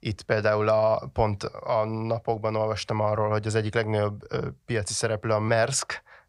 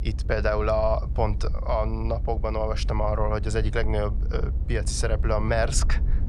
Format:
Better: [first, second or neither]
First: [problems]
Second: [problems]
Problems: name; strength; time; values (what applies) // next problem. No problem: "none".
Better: first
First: none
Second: low rumble; noticeable; throughout; 20 dB below the speech